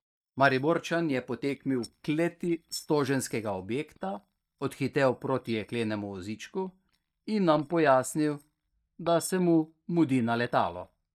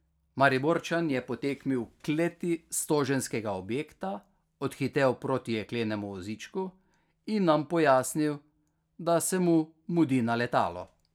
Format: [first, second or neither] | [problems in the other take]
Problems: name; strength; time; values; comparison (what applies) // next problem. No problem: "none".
second | noise reduction (neural mask model DeepFilterNet 3)